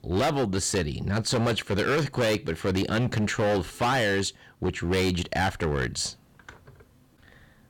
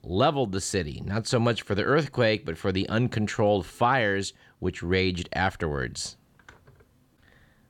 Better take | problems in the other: second | distortion; heavy; 14% of the sound clipped

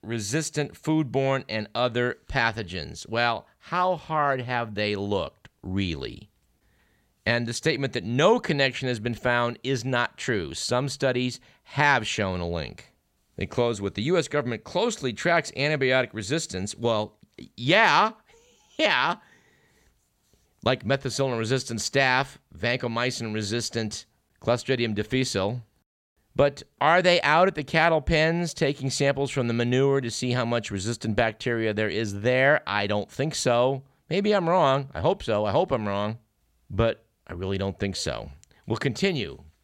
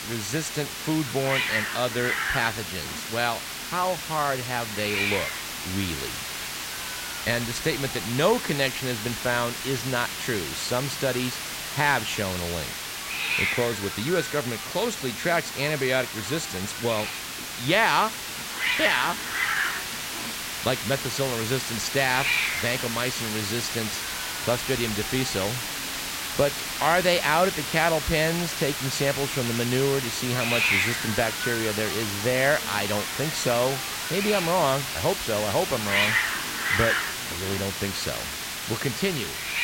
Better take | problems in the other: first | hiss; loud; throughout; 1 dB below the speech

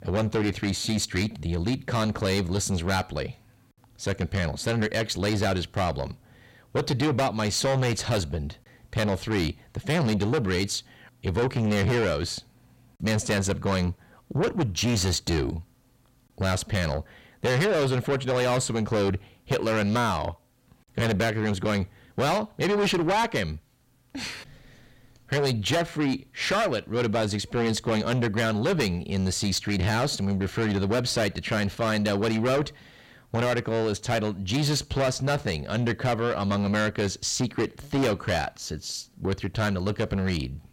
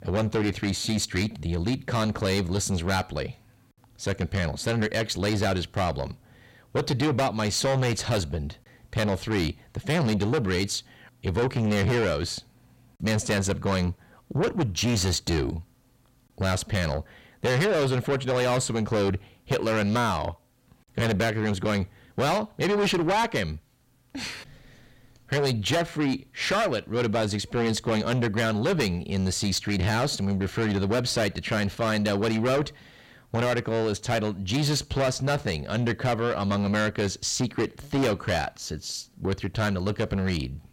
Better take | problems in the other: neither | distortion; heavy; 6 dB below the speech; the same in both

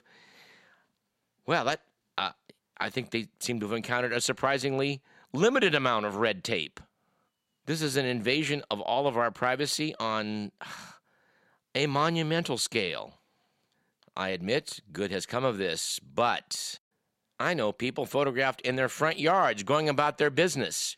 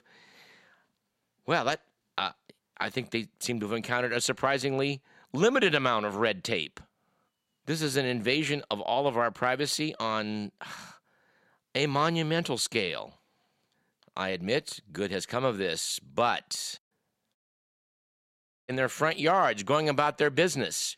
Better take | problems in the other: first | audio cutting out; at 17 s for 1.5 s

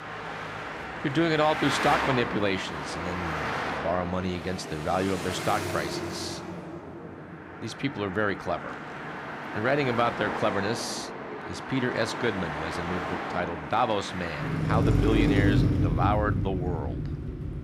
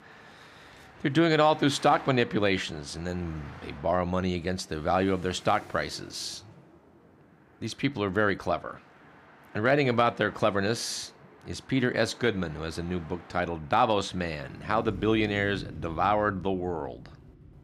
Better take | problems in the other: second | traffic noise; loud; throughout; 2 dB below the speech; faint in the second

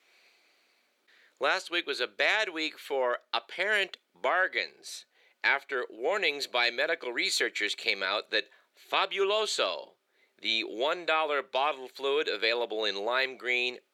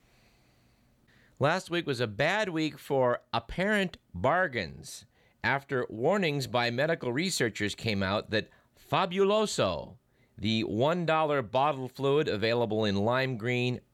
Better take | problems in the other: second | thin; very; fading below 400 Hz

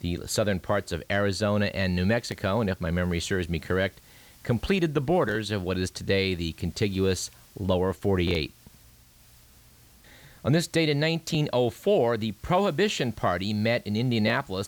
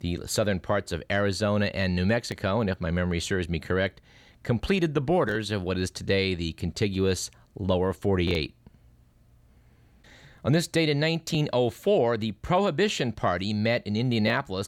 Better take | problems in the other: second | hiss; faint; throughout; 30 dB below the speech

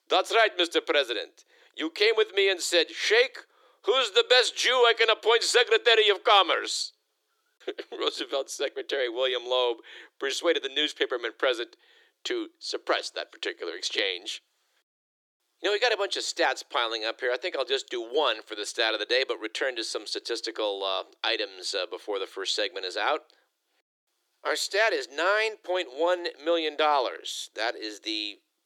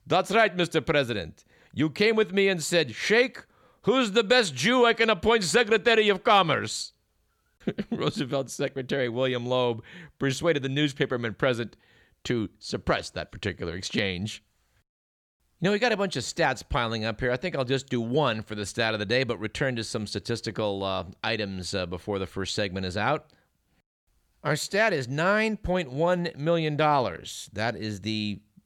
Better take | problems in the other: second | thin; very; fading below 350 Hz

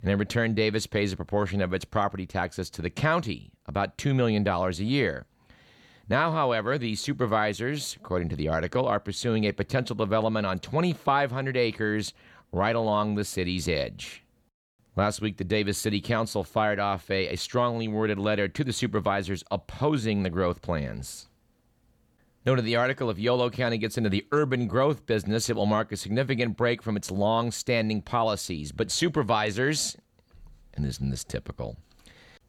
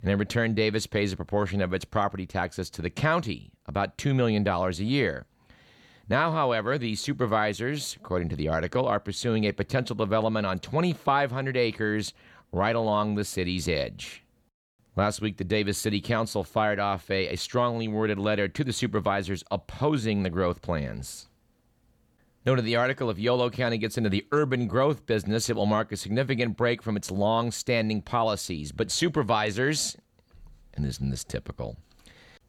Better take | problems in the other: neither | none

